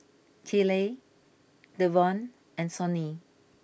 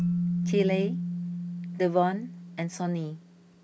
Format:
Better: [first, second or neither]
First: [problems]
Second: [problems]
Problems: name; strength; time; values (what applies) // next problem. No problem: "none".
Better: first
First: none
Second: background sound (Keyboard (musical)); 2 dB below the speech